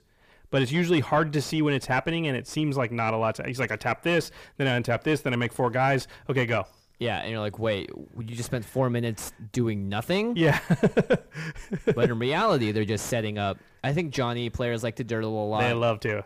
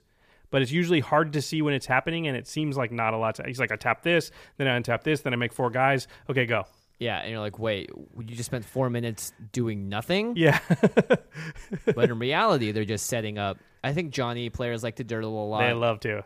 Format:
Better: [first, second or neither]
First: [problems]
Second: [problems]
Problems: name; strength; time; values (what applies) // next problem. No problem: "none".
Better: second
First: distortion; slight; 10 dB below the speech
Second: none